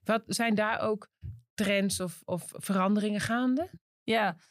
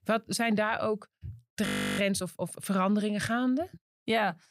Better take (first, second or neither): first